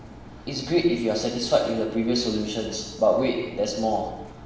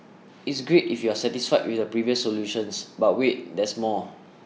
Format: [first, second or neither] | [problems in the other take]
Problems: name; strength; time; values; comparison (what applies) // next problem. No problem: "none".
second | background sound (Engine); 18 dB below the speech // room echo; dies away in 1 s